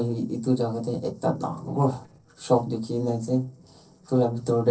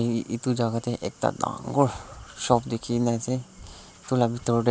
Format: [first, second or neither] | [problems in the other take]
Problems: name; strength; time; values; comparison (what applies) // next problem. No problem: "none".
second | noise reduction (neural separator model SepFormer DNS4)